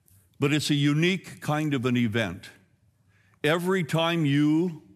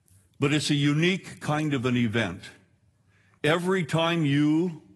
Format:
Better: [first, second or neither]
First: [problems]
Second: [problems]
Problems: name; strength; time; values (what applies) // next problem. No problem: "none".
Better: first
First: none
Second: garbled, watery; slightly; nothing above 11.5 kHz